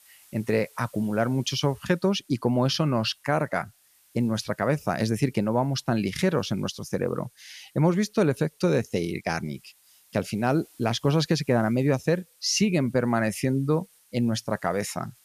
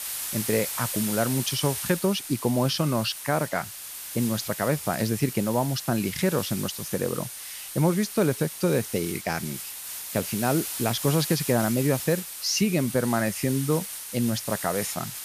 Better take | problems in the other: first | hiss; loud; throughout; 6 dB below the speech; faint in the first

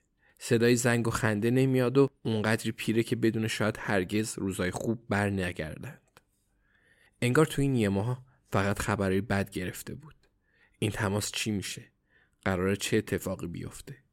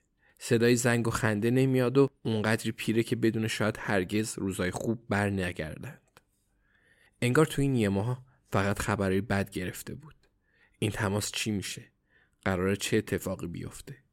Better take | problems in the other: neither | none

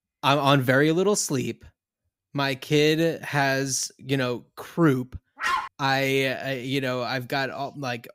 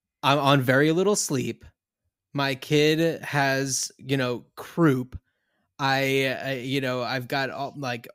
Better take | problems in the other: second | dog barking; noticeable; at 5.5 s; peak 2 dB below the speech

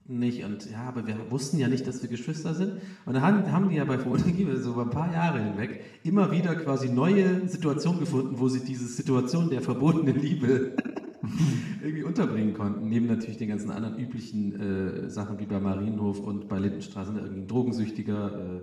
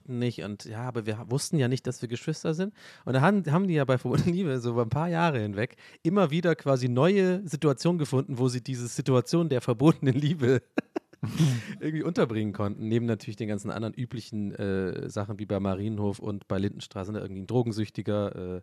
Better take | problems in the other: second | room echo; noticeable; dies away in 0.8 s // off-mic speech; far

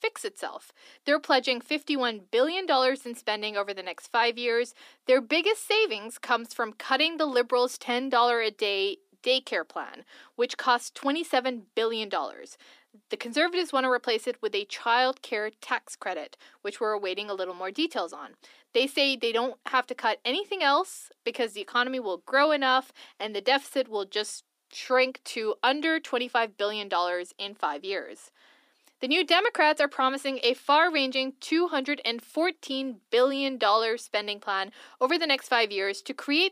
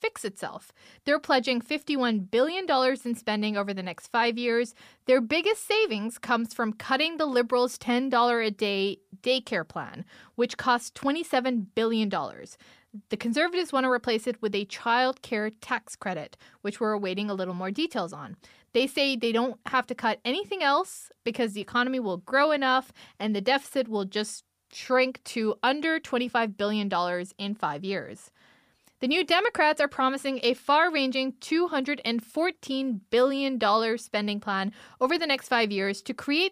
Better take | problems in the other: second | thin; very slightly; fading below 300 Hz

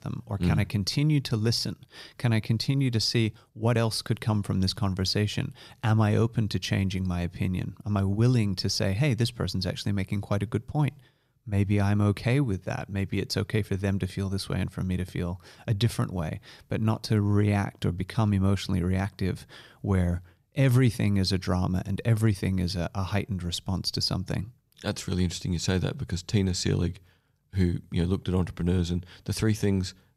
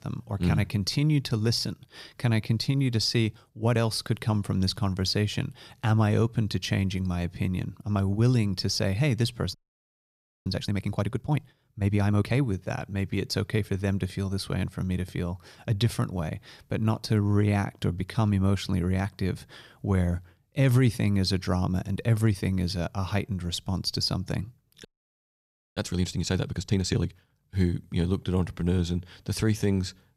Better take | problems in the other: first | audio freezing; at 9.5 s for 1 s and at 25 s for 1 s

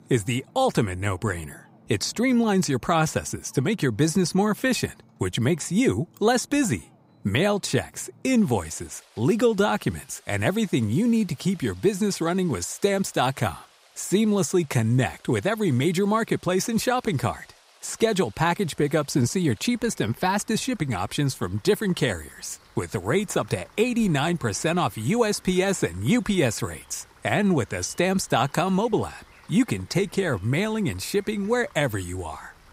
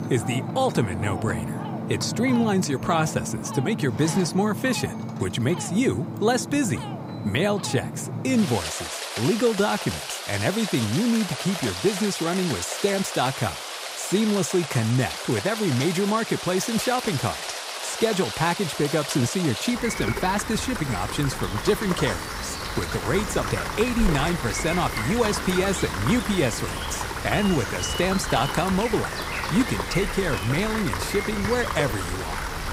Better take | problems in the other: first | rain or running water; loud; throughout; 5 dB below the speech; faint in the first

